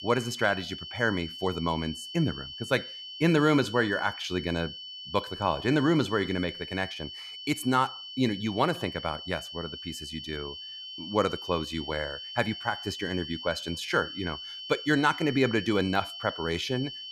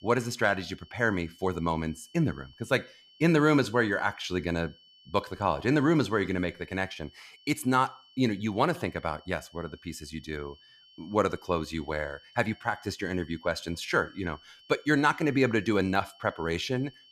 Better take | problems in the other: second | high-pitched whine; loud; throughout; 3 kHz, 9 dB below the speech; faint in the second

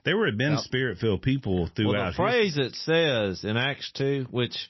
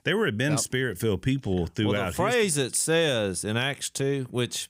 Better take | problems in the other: second | garbled, watery; slightly; nothing above 5.5 kHz

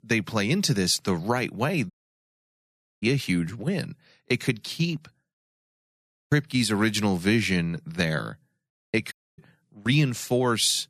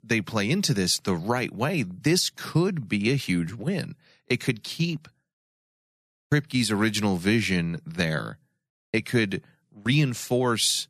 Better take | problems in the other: second | audio cutting out; at 2 s for 1 s and at 9 s

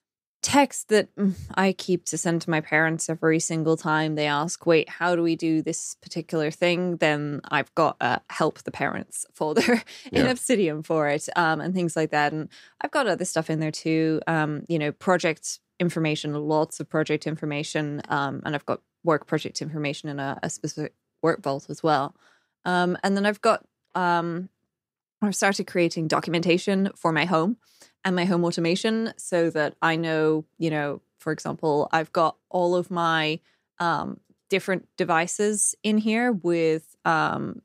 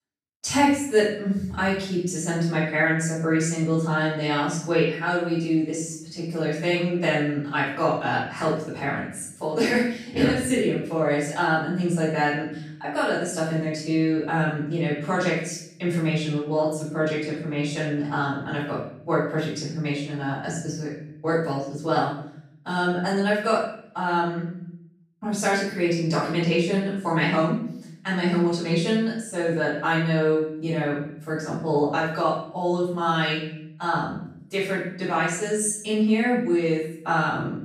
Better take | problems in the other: first | off-mic speech; far // room echo; noticeable; dies away in 0.7 s

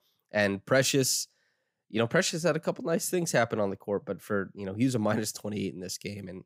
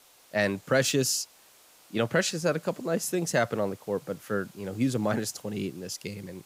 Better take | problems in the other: first | hiss; faint; throughout; 25 dB below the speech

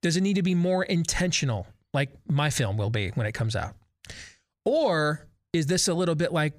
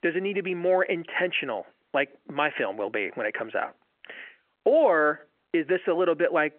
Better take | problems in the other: first | phone-call audio

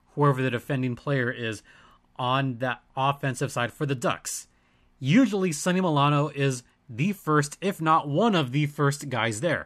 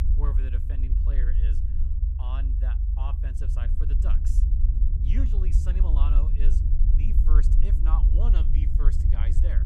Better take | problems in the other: first | low rumble; loud; throughout; 1 dB below the speech

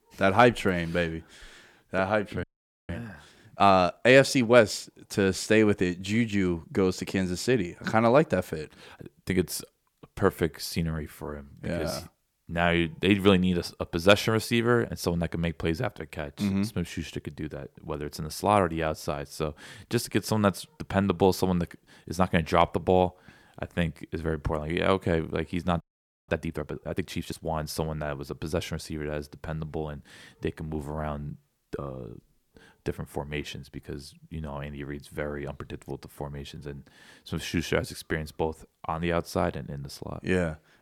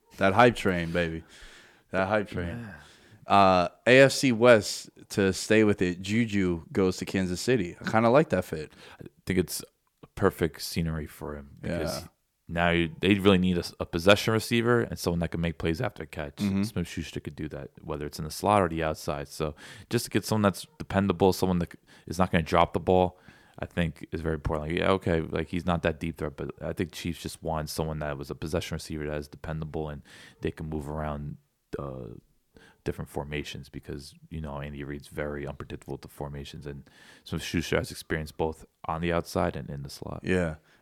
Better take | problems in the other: second | audio freezing; at 2.5 s and at 26 s

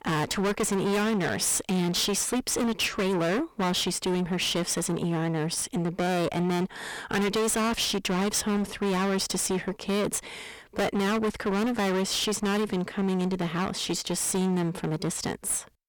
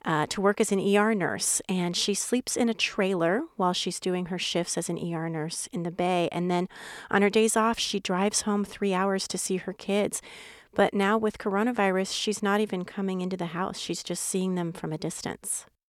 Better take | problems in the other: second | distortion; heavy; 28% of the sound clipped

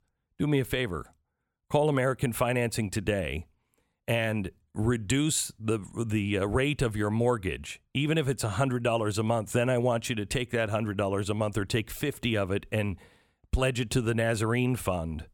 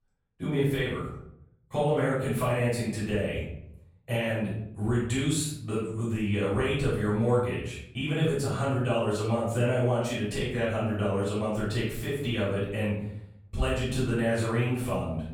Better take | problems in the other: first | off-mic speech; far // room echo; noticeable; dies away in 0.7 s

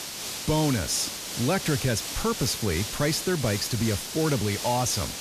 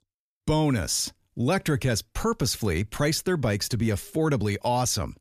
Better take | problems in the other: second | hiss; loud; throughout; 5 dB below the speech

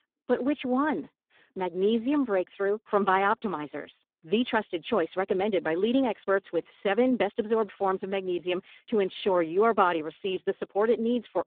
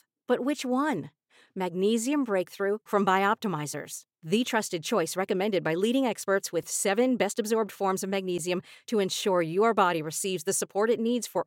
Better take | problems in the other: second | phone-call audio; poor line

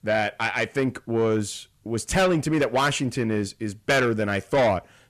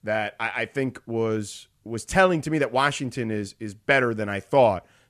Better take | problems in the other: second | distortion; heavy; 7 dB below the speech

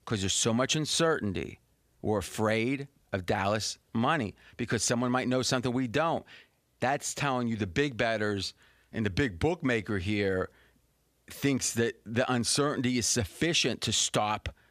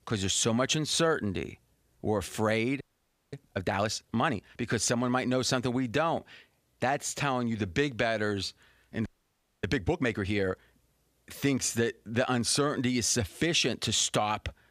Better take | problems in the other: first | audio freezing; at 3 s for 0.5 s and at 9 s for 0.5 s

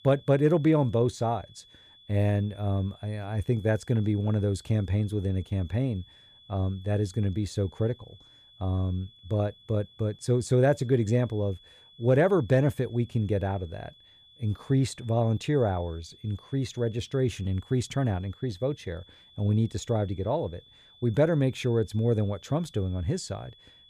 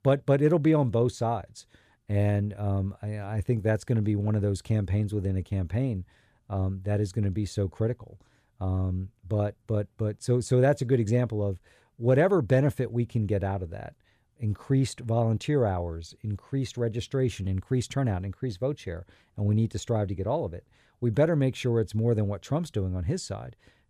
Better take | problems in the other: second | high-pitched whine; faint; throughout; 3.5 kHz, 25 dB below the speech

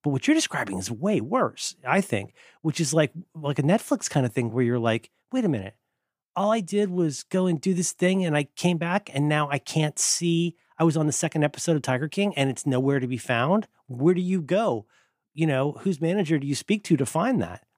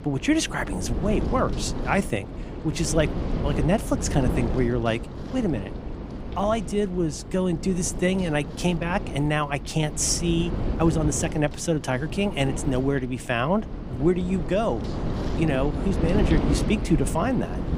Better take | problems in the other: first | wind noise on the microphone; heavy; 9 dB below the speech

